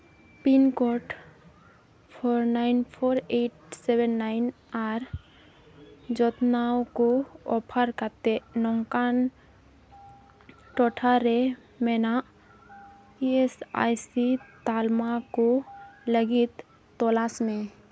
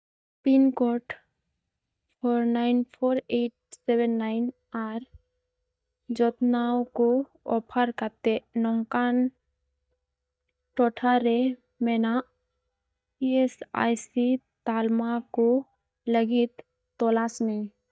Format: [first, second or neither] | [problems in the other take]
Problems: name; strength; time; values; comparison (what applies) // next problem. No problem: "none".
first | noise reduction (neural mask model DeepFilterNet 3)